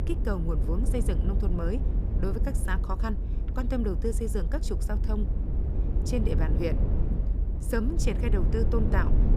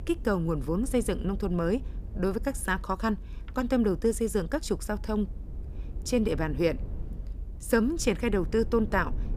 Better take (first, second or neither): second